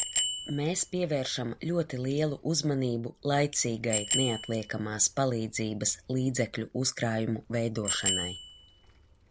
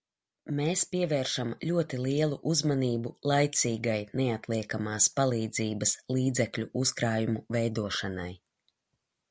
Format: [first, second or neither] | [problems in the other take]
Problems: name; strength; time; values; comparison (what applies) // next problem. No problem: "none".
second | background sound (Bicycle bell); 6 dB below the speech